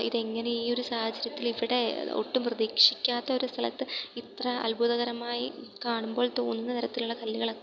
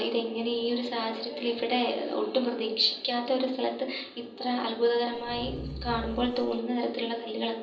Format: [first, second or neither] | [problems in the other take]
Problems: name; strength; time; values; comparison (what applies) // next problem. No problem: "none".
first | background sound (Growling); 10 dB below the speech // room echo; dies away in 0.6 s